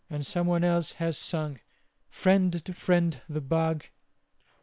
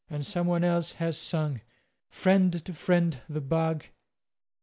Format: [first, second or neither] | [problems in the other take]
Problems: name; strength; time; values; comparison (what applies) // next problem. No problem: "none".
second | noise reduction (neural separator model SepFormer WHAM!)